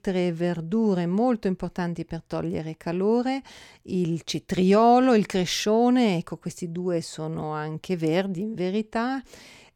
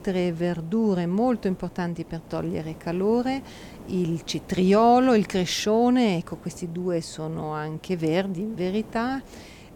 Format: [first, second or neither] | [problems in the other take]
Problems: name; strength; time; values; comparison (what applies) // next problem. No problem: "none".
first | hiss; faint; throughout; 20 dB below the speech